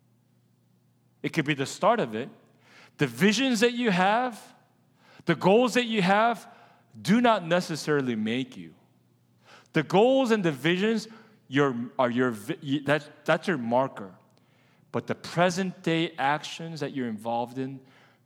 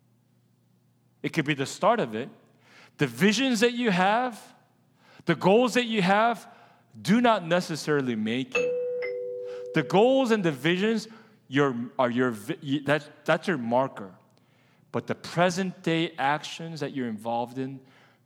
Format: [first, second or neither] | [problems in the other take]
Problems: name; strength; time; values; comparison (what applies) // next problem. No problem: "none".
first | doorbell; noticeable; from 8.5 to 10 s; peak 1 dB below the speech